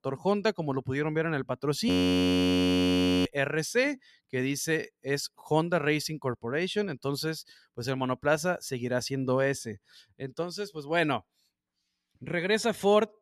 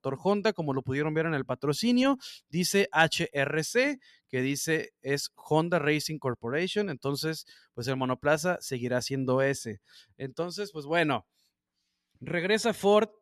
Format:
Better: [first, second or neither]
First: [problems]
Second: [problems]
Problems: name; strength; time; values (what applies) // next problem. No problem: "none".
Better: second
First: audio freezing; at 2 s for 1.5 s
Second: none